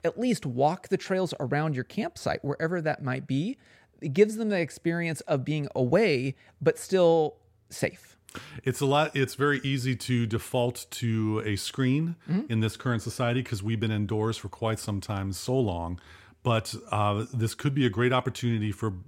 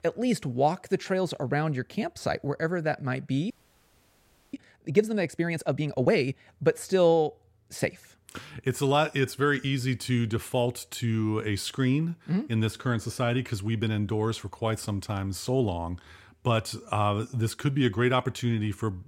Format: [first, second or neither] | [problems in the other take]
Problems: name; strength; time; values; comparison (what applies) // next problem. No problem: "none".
first | audio freezing; at 3.5 s for 1 s